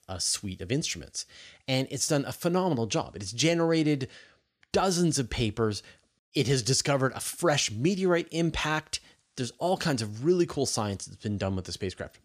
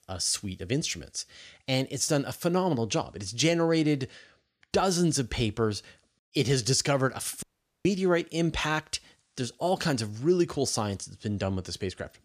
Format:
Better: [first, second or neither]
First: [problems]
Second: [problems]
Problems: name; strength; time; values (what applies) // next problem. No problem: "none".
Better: first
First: none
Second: audio cutting out; at 7.5 s